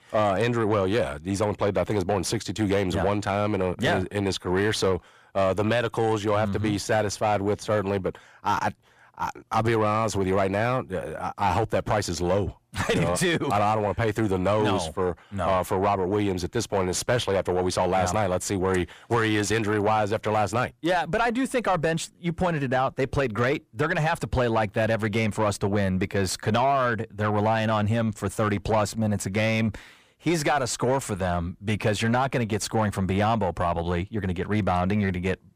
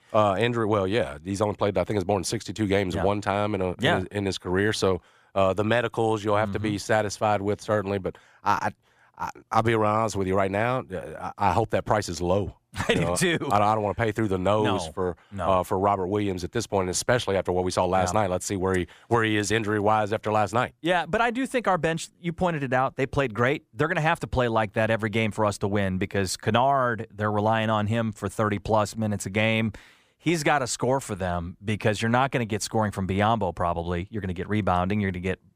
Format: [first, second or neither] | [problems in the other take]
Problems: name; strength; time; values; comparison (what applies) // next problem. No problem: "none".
second | distortion; slight; 10 dB below the speech